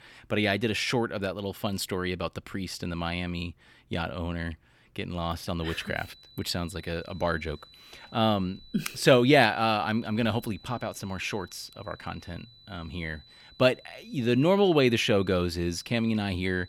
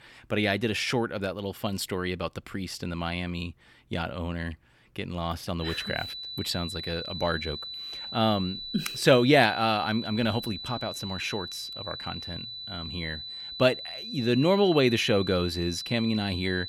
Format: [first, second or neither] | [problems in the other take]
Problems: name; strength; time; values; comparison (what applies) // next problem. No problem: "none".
first | high-pitched whine; loud; from 5.5 s on; 4 kHz, 8 dB below the speech; faint in the first